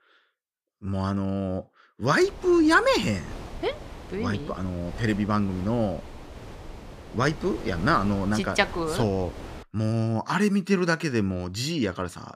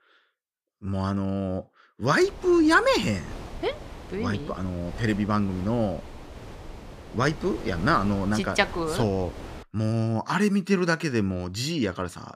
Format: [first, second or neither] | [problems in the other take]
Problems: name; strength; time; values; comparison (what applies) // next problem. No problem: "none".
neither | wind noise on the microphone; occasional gusts; from 2 to 9.5 s; 15 dB below the speech; the same in both